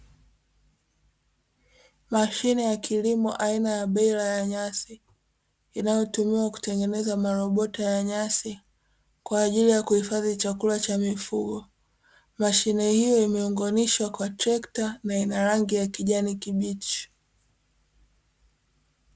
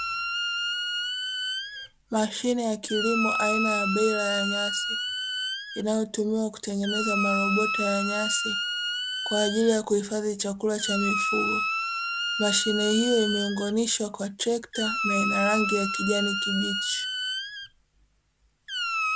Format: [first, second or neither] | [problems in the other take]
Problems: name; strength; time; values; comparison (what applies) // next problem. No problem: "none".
first | background sound (Squeak); 2 dB below the speech